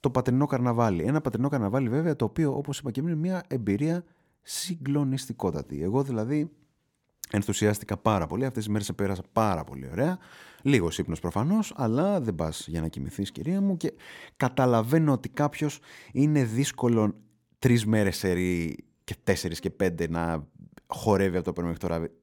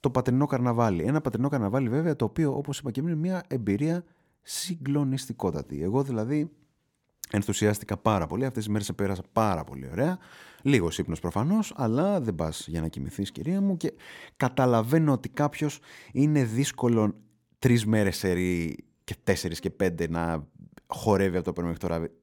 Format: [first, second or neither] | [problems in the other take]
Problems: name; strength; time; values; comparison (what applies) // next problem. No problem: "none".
neither | none